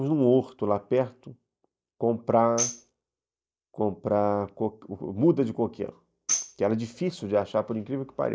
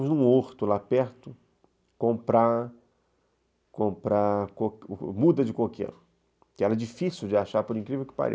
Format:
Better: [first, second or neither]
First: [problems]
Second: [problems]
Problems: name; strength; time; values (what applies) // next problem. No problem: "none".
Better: second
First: noise reduction (neural mask model DeepFilterNet 3)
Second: none